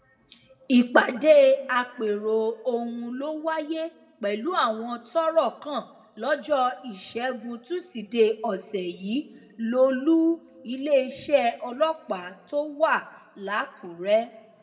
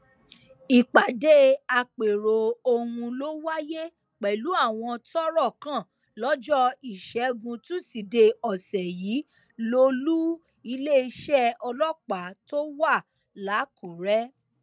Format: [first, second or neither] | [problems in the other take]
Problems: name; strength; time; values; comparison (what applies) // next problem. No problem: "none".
second | room echo; dies away in 1.3 s